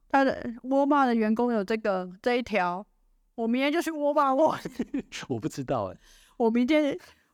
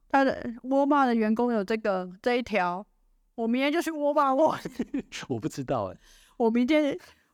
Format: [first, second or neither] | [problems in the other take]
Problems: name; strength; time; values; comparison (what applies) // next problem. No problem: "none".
neither | none